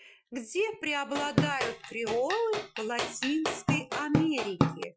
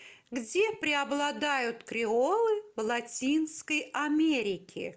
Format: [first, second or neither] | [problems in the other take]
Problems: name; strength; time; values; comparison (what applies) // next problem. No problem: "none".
second | noise reduction (classical method Wiener filter)